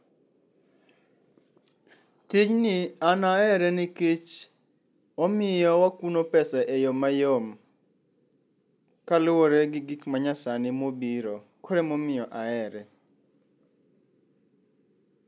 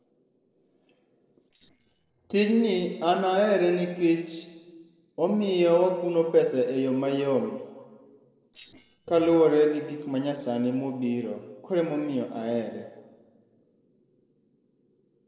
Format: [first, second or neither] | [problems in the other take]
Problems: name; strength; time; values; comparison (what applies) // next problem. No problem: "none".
first | noise reduction (neural separator model SepFormer DNS4)